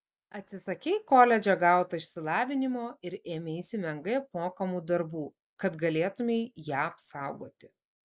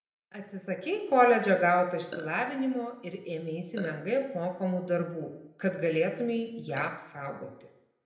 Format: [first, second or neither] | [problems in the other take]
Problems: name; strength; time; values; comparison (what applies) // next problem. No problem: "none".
first | background sound (Burping, eructation); 13 dB below the speech // room echo; dies away in 0.8 s